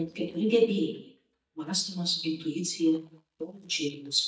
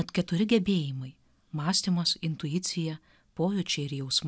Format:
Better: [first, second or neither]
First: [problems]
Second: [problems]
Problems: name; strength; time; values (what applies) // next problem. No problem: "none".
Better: second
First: noise reduction (neural mask model DeepFilterNet 3)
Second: none